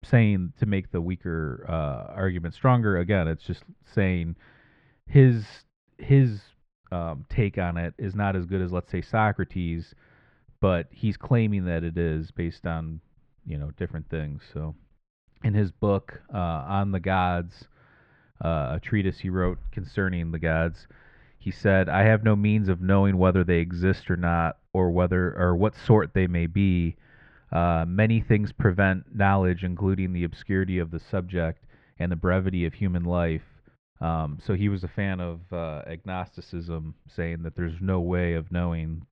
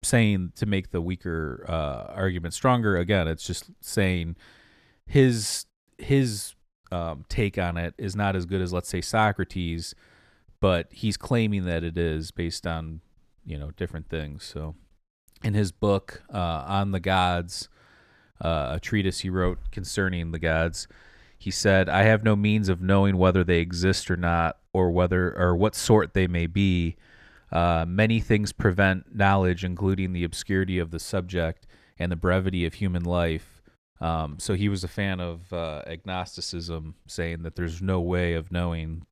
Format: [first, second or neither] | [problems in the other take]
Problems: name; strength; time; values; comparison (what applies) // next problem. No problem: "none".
second | muffled; very; fading above 2.5 kHz